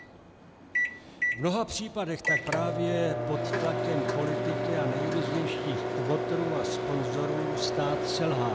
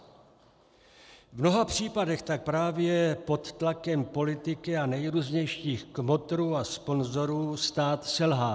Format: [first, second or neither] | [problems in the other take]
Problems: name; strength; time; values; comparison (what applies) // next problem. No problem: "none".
second | background sound (Microwave oven); 1 dB above the speech